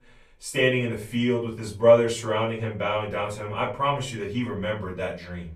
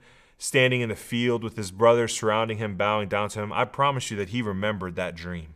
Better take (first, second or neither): second